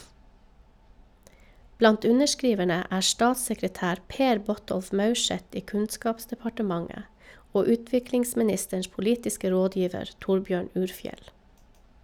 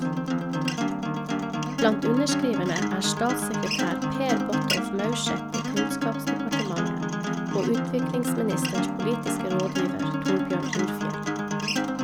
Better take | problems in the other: first | background sound (Acoustic guitar); 3 dB above the speech

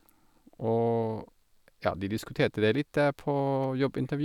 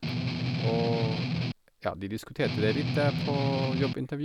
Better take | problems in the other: first | background sound (Strum); 2 dB above the speech

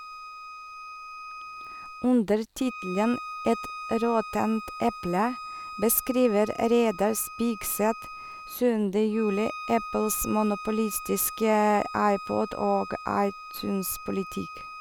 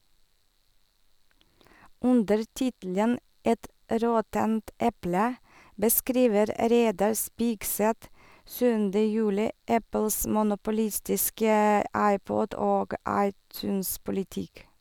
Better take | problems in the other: second | background sound (Bowed string instrument); 12 dB below the speech

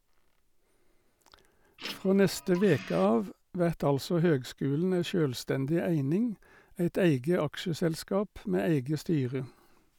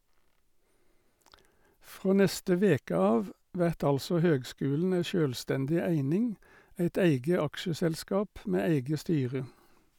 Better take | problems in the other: second | background sound (Printer); 15 dB below the speech

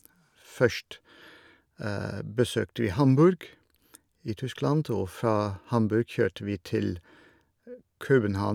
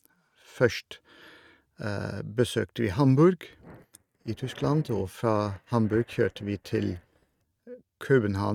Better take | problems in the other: first | noise reduction (neural mask model RNNoise)

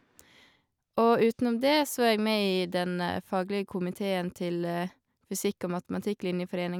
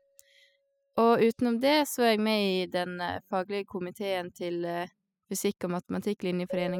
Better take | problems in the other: first | noise reduction (classical method spectral subtraction)

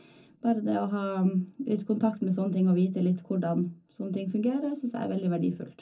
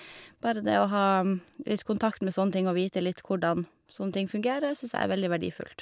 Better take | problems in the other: second | room echo; dies away in 0.3 s

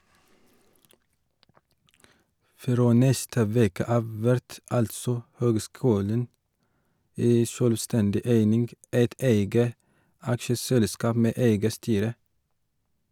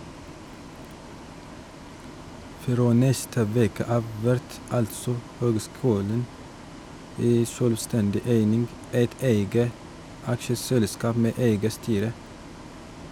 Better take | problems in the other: first | background sound (Bus); 16 dB below the speech

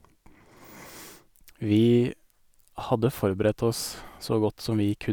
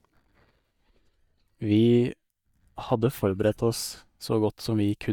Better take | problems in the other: first | noise reduction (neural mask model DeepFilterNet 3)

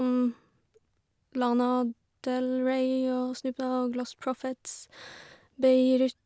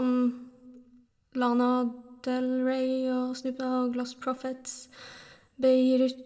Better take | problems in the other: first | room echo; dies away in 0.5 s

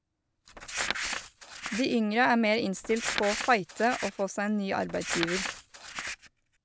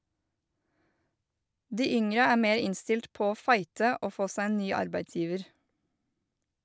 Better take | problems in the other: second | background sound (Crumpling, crinkling); 7 dB below the speech

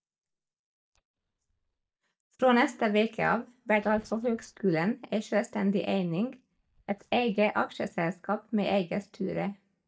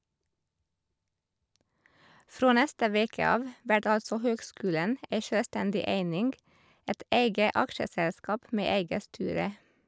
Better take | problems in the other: second | noise reduction (neural mask model DeepFilterNet 3)

